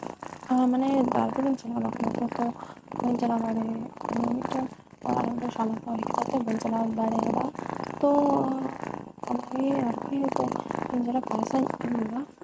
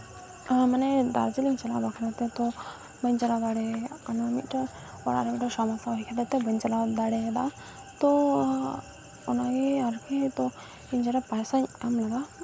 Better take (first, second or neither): second